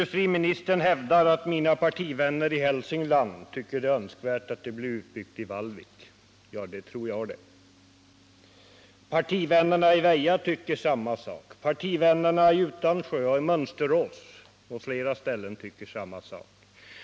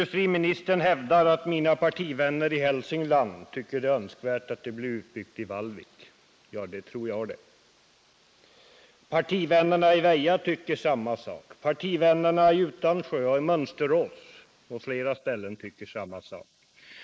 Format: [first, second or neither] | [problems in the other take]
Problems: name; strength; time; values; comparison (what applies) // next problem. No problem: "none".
first | noise reduction (neural mask model Resemble Enhance denoiser)